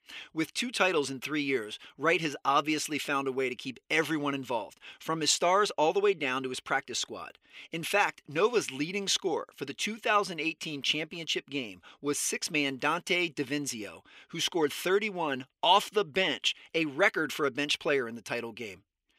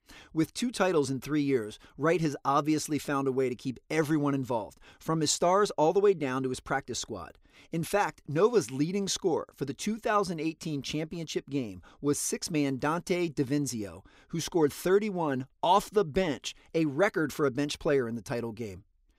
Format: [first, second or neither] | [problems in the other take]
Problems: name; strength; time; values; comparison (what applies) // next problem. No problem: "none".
second | thin; very slightly; fading below 400 Hz